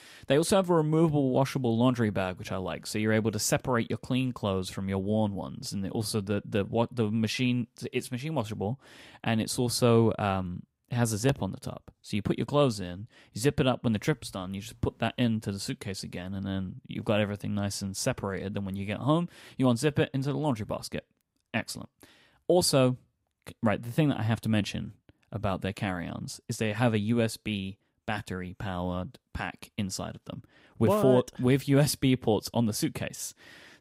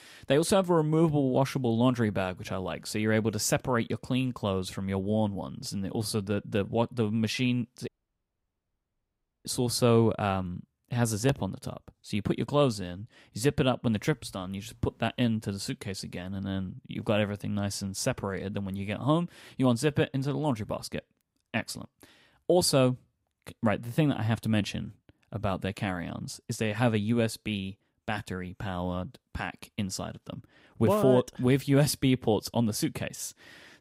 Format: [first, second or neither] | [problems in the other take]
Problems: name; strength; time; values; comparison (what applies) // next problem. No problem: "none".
first | audio cutting out; at 8 s for 1.5 s